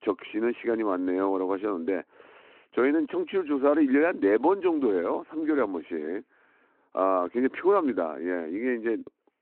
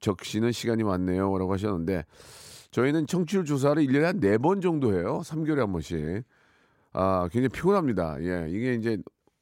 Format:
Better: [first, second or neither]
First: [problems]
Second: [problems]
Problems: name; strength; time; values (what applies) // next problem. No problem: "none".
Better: second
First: phone-call audio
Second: none